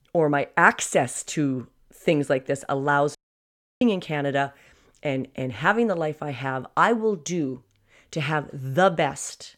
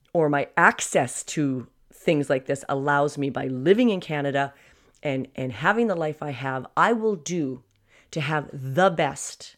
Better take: second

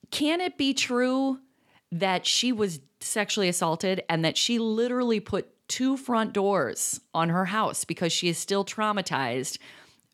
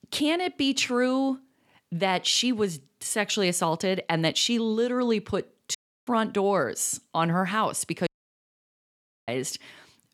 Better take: first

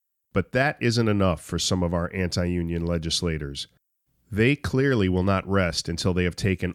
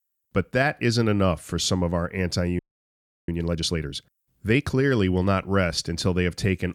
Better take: first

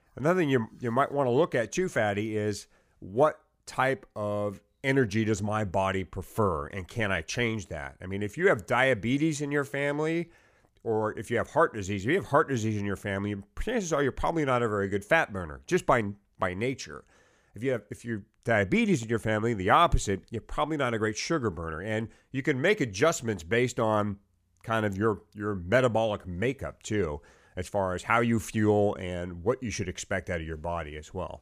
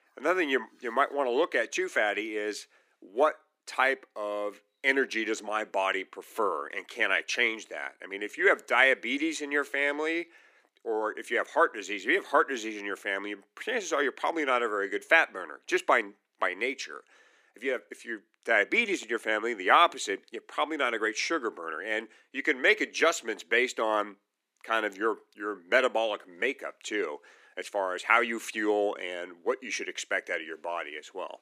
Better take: first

